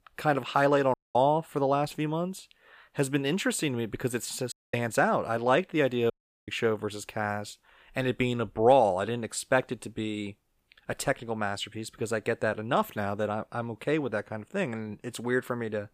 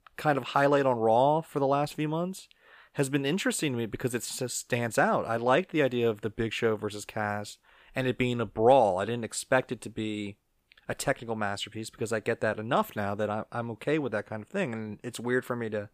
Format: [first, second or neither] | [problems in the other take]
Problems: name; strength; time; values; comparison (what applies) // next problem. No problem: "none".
second | audio cutting out; at 1 s, at 4.5 s and at 6 s